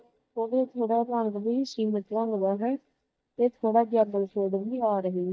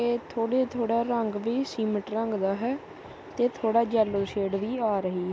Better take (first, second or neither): second